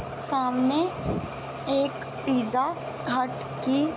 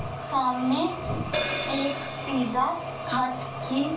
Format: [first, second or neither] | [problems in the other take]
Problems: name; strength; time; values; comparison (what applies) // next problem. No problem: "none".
first | background sound (Hi-hat); 7 dB below the speech // room echo; dies away in 0.3 s